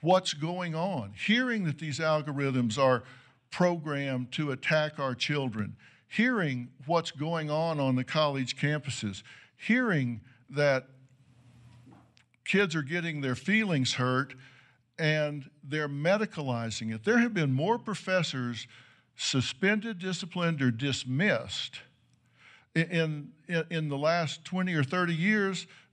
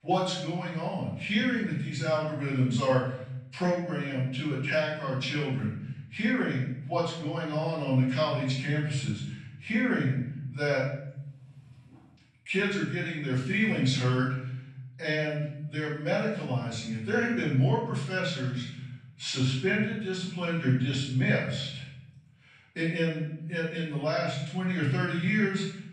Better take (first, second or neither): first